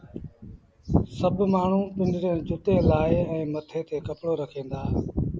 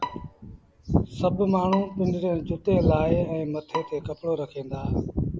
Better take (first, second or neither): first